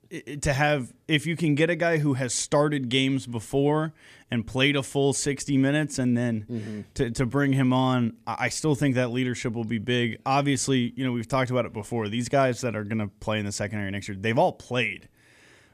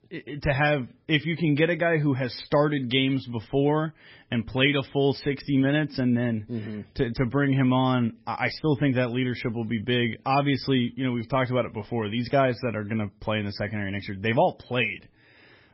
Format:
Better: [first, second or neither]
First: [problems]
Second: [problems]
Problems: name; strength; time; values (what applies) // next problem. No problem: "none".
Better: first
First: none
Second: garbled, watery; badly; nothing above 5.5 kHz